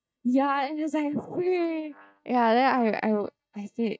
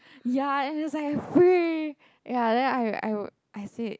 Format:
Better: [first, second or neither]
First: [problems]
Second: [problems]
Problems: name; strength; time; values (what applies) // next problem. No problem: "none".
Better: second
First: noise reduction (neural mask model DeepFilterNet 3)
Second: none